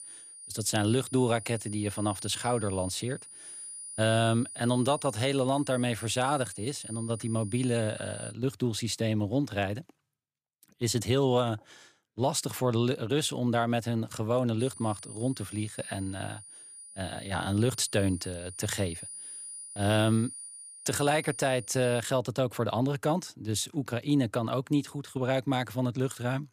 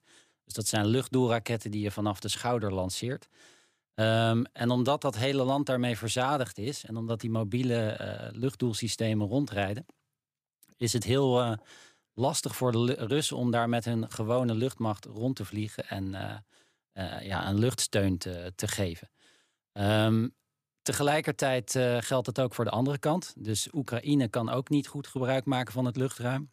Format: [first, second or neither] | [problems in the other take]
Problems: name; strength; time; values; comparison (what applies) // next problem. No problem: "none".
second | high-pitched whine; noticeable; until 8.5 s and from 15 to 22 s; 9.5 kHz, 10 dB below the speech